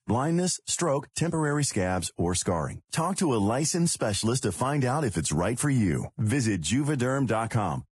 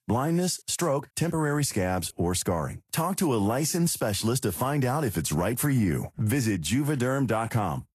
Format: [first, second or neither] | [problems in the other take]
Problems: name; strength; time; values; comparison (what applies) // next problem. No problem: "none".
second | garbled, watery; badly; nothing above 10.5 kHz; slightly in the second